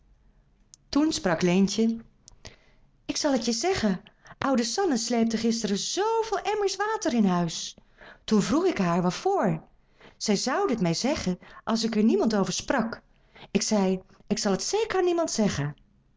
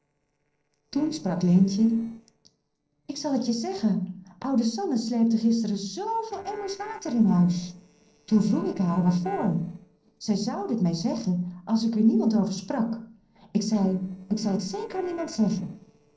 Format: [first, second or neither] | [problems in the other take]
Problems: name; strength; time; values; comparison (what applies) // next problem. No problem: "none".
first | noise reduction (neural separator model SepFormer DNS4)